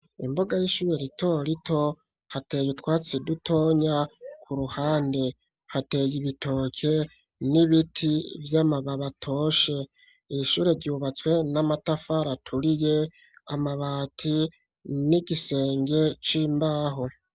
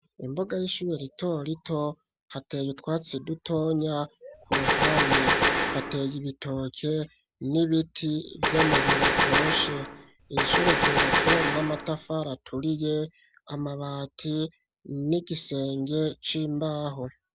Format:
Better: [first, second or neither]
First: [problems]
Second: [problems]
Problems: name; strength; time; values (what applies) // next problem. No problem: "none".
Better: first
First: none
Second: background sound (Gunshot, gunfire); 5 dB above the speech